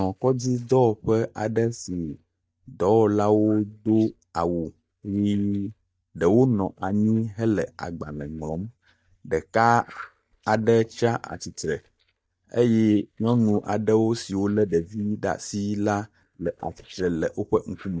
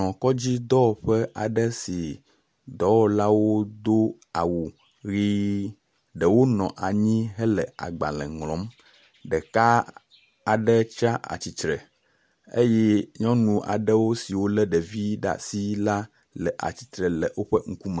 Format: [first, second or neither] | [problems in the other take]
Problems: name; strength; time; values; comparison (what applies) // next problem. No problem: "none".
second | noise reduction (neural mask model DeepFilterNet 3)